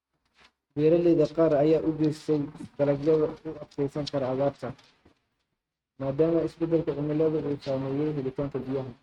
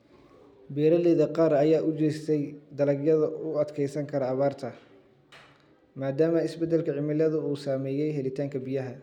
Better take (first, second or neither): second